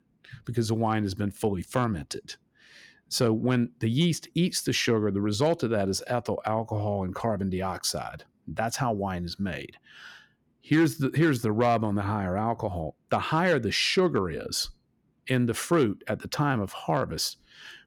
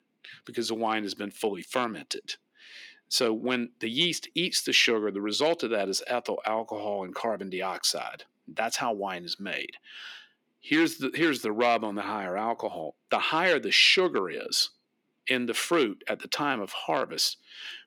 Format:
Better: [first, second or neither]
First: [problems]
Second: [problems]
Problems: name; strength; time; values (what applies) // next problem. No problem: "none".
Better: first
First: none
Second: thin; somewhat; fading below 250 Hz